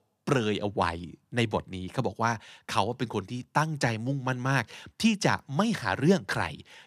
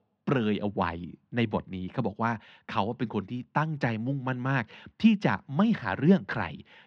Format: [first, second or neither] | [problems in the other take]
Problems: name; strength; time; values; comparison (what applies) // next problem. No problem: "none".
first | muffled; slightly; fading above 3 kHz